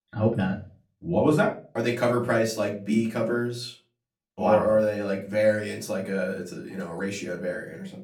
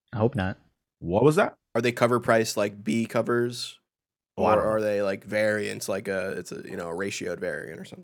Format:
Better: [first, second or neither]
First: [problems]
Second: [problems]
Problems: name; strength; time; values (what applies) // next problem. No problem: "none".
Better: second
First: off-mic speech; far // room echo; very slight; dies away in 0.3 s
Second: none